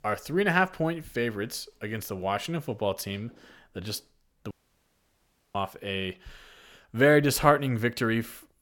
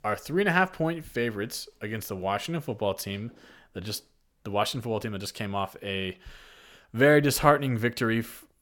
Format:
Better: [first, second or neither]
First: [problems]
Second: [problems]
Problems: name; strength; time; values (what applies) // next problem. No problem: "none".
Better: second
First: audio cutting out; at 4.5 s for 1 s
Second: none